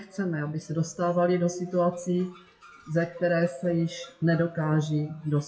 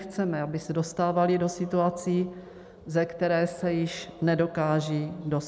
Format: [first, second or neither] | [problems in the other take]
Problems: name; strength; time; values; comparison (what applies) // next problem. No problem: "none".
second | noise reduction (classical method WPE with log-MMSE)